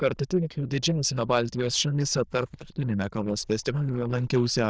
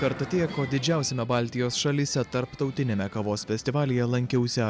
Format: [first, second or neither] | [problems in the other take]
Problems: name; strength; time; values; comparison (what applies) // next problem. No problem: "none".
second | noise reduction (neural diffusion model UNIVERSE++)